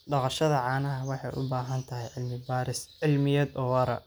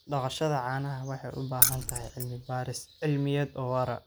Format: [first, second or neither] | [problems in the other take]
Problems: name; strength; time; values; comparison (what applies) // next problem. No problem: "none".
first | background sound (Keys jangling); 3 dB above the speech